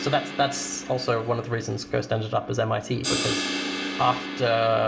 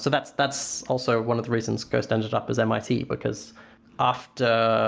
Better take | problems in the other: second | background sound (Crash cymbal); 7 dB below the speech // room echo; dies away in 1.6 s

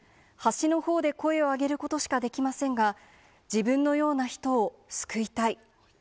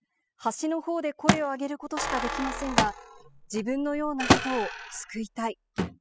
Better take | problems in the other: first | noise reduction (classical method spectral subtraction)

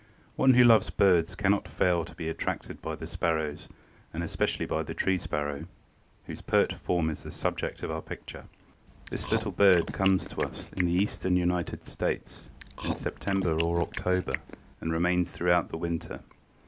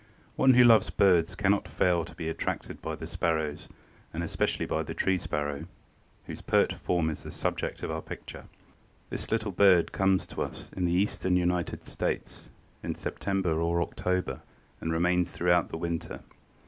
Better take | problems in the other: second | background sound (Chewing, mastication); 11 dB below the speech

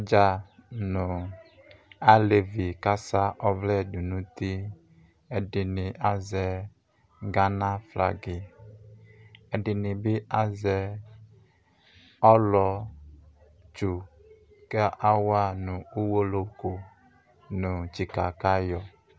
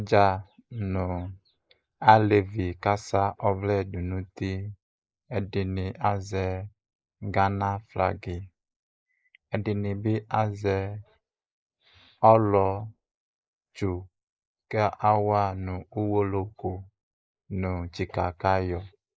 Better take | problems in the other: first | noise reduction (neural mask model Resemble Enhance denoiser)

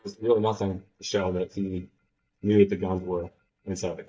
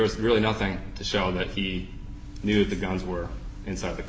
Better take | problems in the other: second | noise reduction (neural mask model DeepFilterNet 3)

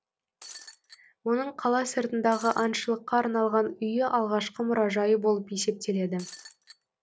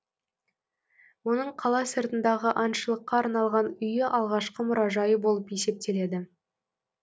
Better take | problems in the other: second | background sound (Shatter); 20 dB below the speech

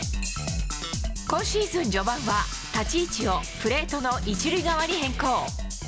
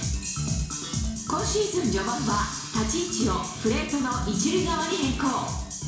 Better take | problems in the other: first | room echo; dies away in 0.7 s

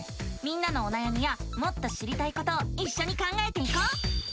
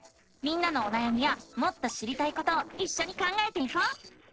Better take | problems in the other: first | noise reduction (neural separator model SepFormer DNS4)

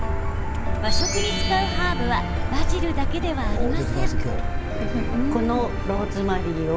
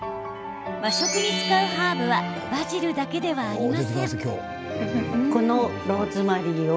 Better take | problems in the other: second | background sound (Motor vehicle (road)); 2 dB above the speech

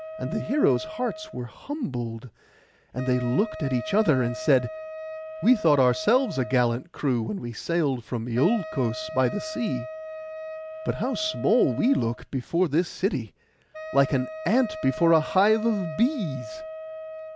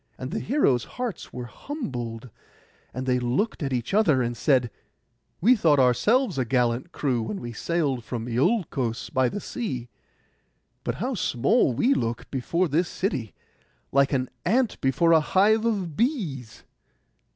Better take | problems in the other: second | background sound (Wind instrument, woodwind instrument); 12 dB below the speech

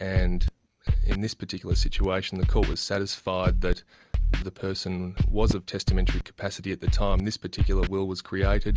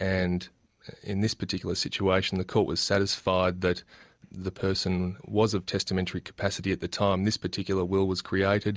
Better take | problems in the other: second | background sound (Scratching (performance technique)); 5 dB above the speech

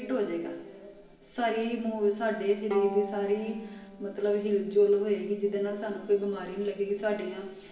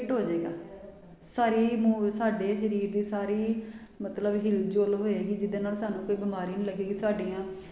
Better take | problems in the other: second | background sound (Bowed string instrument); 15 dB below the speech // room echo; dies away in 0.3 s

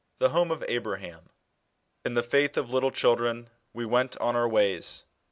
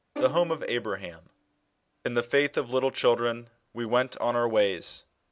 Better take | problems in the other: first | background sound (Bowed string instrument); 15 dB below the speech

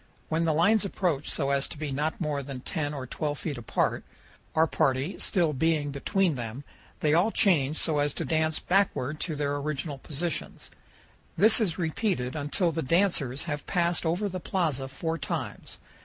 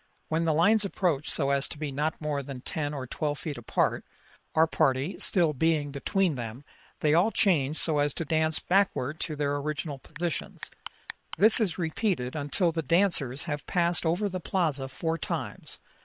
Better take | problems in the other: first | noise reduction (neural separator model SepFormer WHAM!)

